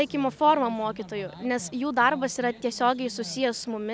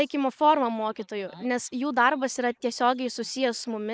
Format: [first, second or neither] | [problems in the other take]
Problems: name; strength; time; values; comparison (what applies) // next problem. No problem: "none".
first | noise reduction (neural mask model Resemble Enhance denoiser)